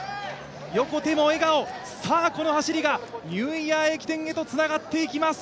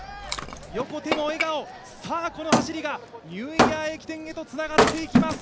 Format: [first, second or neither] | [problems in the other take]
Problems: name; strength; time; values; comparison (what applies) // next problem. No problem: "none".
first | background sound (Wood); 5 dB above the speech